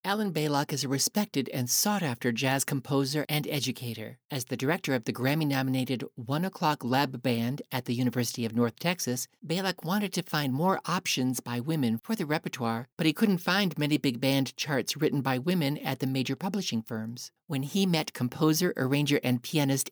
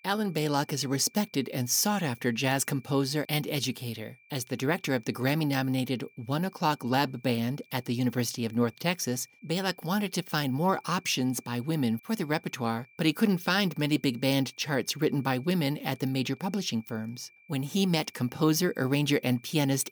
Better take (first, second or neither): first